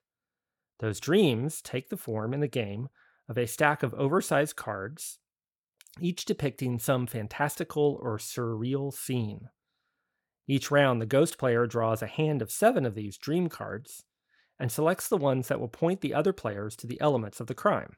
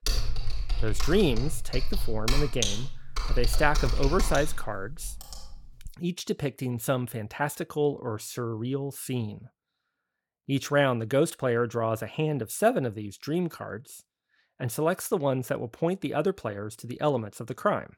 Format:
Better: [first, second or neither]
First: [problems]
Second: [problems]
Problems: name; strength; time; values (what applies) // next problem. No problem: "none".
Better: first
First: none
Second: keyboard typing; loud; until 6 s; peak 1 dB above the speech